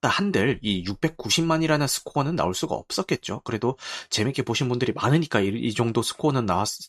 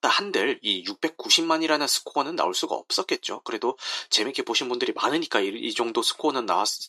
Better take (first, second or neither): first